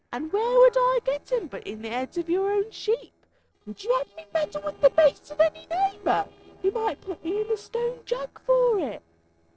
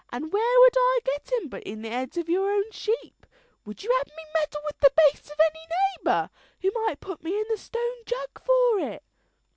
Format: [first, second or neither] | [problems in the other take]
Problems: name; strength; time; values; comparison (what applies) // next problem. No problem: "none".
second | noise reduction (neural separator model SepFormer DNS4)